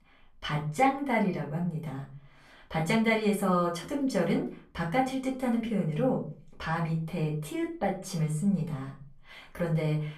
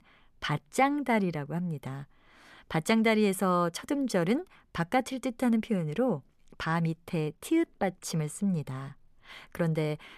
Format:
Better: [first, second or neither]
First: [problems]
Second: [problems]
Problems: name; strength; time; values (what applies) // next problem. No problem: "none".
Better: second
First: room echo; slight; dies away in 0.4 s // off-mic speech; far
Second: none